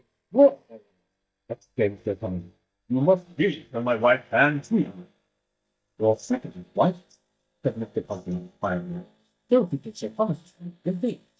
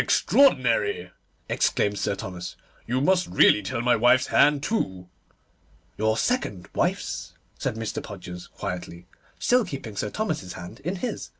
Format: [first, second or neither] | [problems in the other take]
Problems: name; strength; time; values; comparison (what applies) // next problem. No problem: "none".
second | noise reduction (neural mask model DeepFilterNet 3)